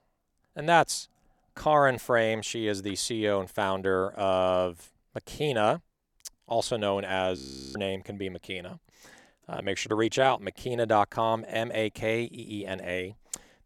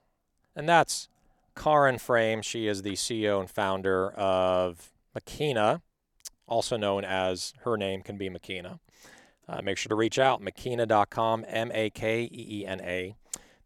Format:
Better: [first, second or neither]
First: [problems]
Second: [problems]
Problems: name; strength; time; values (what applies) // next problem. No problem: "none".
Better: second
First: audio freezing; at 7.5 s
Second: none